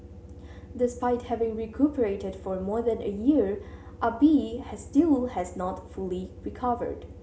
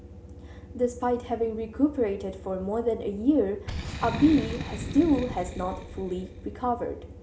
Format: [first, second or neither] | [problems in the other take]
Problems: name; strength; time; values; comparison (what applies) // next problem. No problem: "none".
first | background sound (Boom); 11 dB below the speech